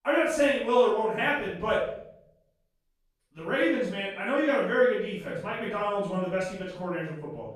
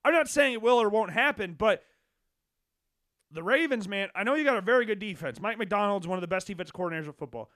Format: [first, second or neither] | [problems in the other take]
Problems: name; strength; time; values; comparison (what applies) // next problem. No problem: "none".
second | off-mic speech; far // room echo; noticeable; dies away in 0.7 s